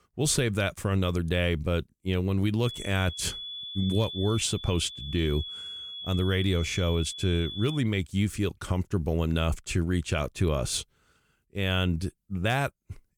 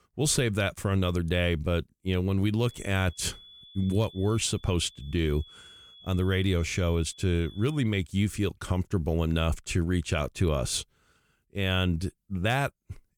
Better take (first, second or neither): second